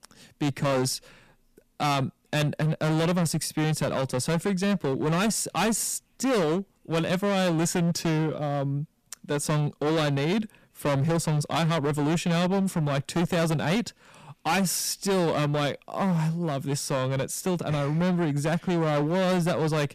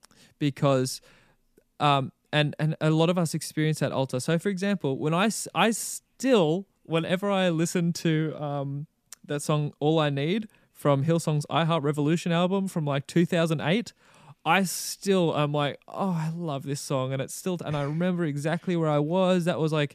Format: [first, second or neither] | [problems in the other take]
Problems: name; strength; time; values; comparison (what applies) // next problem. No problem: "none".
second | distortion; heavy; 22% of the sound clipped